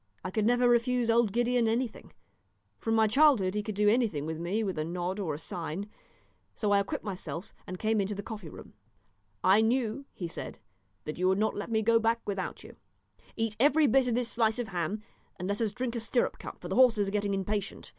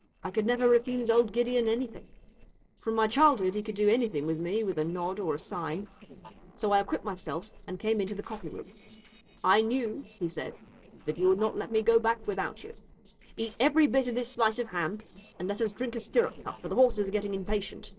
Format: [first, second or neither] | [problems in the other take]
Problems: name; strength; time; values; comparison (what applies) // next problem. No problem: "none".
first | noise reduction (neural separator model SepFormer DNS4)